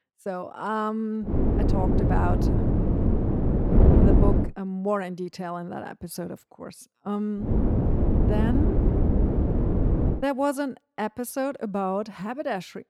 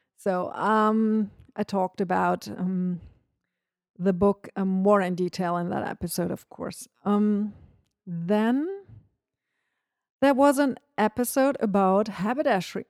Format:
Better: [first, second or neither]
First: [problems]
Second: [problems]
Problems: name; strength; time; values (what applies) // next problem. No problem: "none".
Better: second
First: wind noise on the microphone; heavy; from 1.5 to 4.5 s and from 7.5 to 10 s; as loud as the speech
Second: none